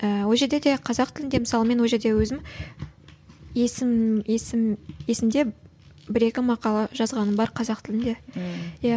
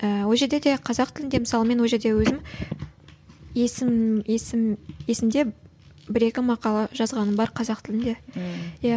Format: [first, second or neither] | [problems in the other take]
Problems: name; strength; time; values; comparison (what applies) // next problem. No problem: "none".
first | background sound (Telephone); 9 dB below the speech